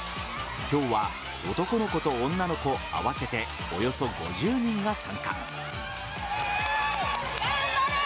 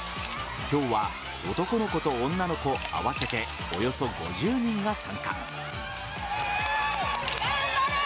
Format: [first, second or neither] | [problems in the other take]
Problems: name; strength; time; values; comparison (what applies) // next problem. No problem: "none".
first | background sound (Glass); 17 dB below the speech